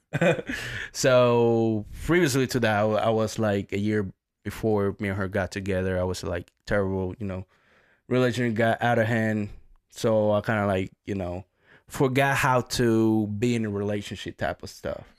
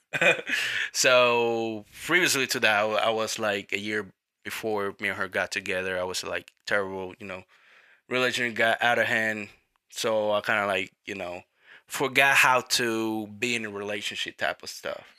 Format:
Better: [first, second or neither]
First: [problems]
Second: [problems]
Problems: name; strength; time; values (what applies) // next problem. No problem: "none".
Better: first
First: none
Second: thin; somewhat; fading below 1 kHz